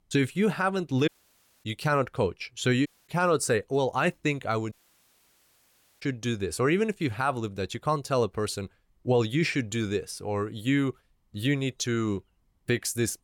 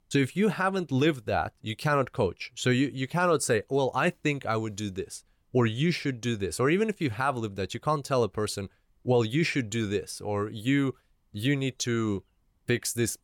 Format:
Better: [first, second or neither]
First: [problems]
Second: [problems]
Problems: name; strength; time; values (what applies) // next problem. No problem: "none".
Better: second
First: audio cutting out; at 1 s for 0.5 s, at 3 s and at 4.5 s for 1.5 s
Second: none